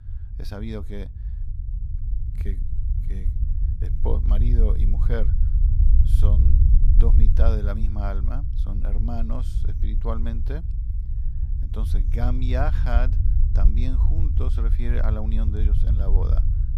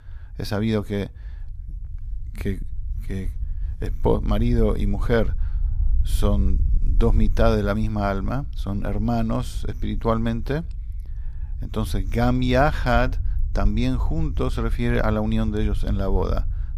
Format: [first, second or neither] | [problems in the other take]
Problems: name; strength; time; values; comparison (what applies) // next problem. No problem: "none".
second | low rumble; loud; throughout; 6 dB below the speech; faint in the second